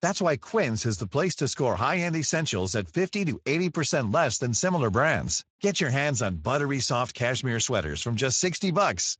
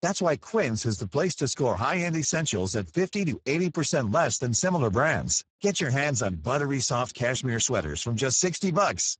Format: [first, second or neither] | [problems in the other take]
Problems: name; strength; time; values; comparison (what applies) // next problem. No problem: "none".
first | garbled, watery; badly; nothing above 7.5 kHz; slightly in the first